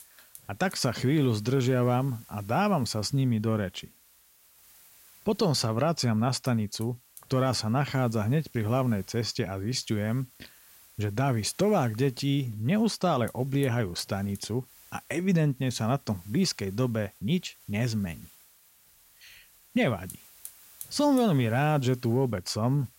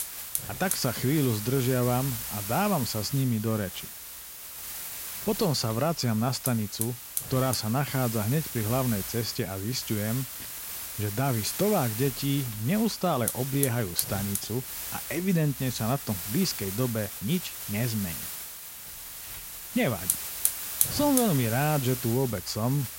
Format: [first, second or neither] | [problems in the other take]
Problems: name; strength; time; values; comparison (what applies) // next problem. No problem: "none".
first | hiss; loud; throughout; 4 dB below the speech; faint in the first